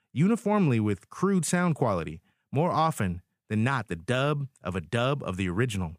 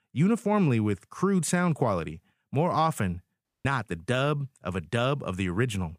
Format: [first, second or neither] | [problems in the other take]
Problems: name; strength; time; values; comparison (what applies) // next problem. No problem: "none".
first | audio cutting out; at 3.5 s